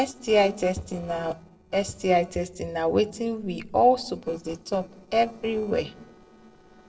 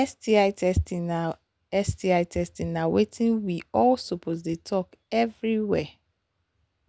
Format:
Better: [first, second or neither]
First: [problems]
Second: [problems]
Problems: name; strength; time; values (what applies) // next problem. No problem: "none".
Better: second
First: noise reduction (neural separator model SepFormer DNS4)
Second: none